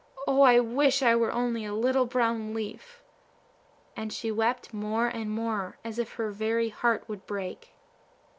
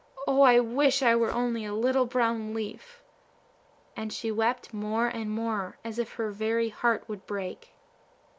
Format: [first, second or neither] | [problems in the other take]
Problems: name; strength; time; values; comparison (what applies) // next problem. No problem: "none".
first | background sound (Whoosh, swoosh, swish); 18 dB below the speech